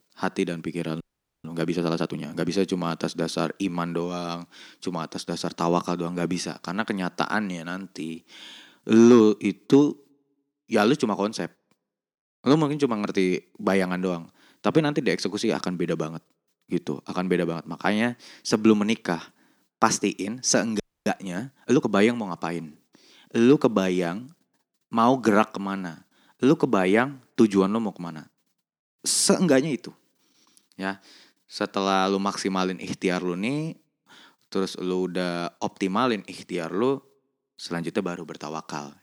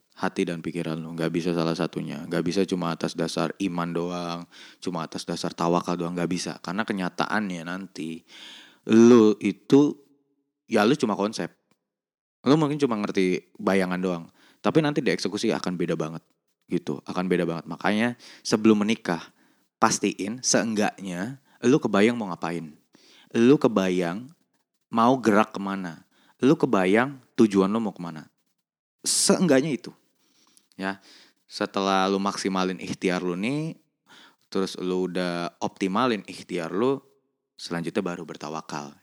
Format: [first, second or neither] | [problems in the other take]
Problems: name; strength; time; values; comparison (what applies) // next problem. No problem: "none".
second | audio freezing; at 1 s and at 21 s